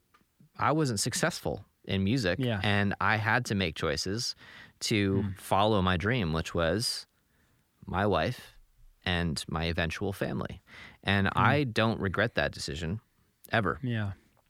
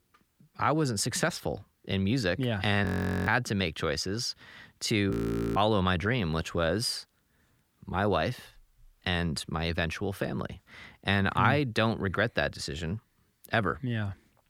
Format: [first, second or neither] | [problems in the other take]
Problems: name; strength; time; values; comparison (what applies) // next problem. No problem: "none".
first | audio freezing; at 3 s and at 5 s